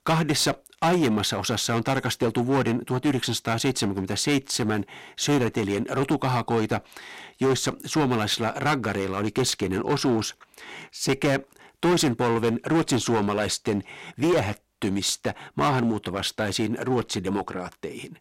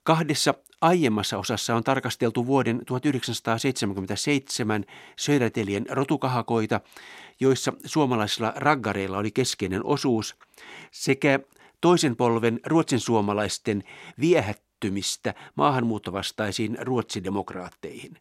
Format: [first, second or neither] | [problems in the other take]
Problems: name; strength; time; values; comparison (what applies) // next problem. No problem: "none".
second | distortion; heavy; 9% of the sound clipped